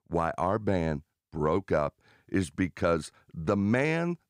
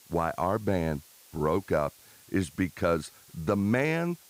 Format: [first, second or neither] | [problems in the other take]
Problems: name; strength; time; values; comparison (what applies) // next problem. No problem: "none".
first | hiss; faint; throughout; 25 dB below the speech